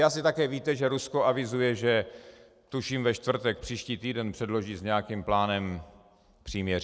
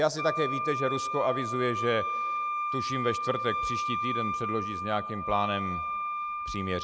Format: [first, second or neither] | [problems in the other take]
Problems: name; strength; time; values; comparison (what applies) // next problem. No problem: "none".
first | background sound (Wind instrument, woodwind instrument); 1 dB below the speech